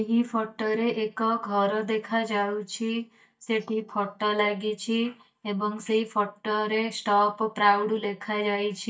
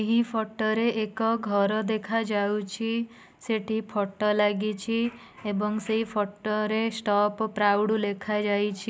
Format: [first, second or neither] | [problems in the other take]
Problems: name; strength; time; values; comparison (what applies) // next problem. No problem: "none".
second | noise reduction (neural mask model DeepFilterNet 3)